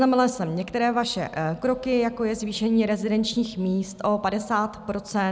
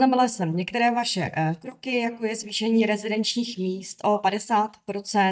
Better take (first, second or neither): first